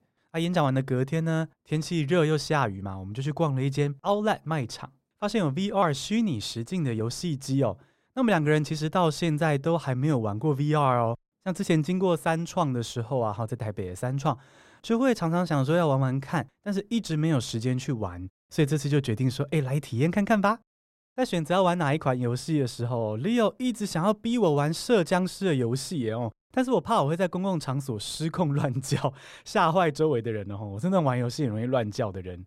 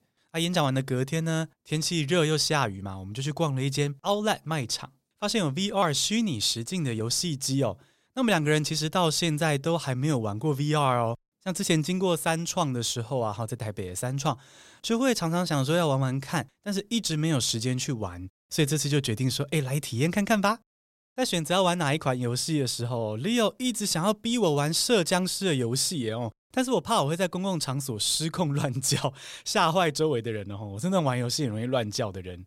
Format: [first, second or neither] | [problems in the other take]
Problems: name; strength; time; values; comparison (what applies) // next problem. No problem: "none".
second | muffled; slightly; fading above 2.5 kHz